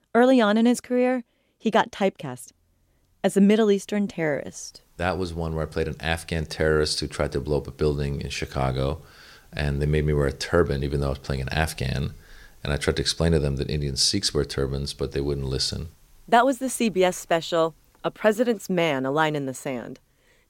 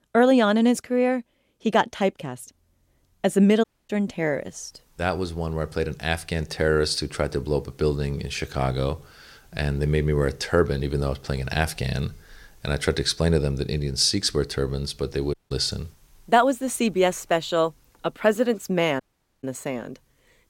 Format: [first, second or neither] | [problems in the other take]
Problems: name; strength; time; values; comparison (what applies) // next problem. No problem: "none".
first | audio cutting out; at 3.5 s, at 15 s and at 19 s